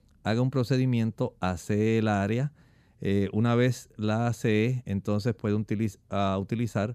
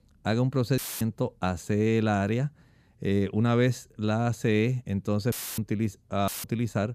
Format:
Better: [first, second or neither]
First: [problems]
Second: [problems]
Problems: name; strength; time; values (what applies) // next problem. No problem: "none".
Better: first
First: none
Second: audio cutting out; filled with static; at 1 s, at 5.5 s and at 6.5 s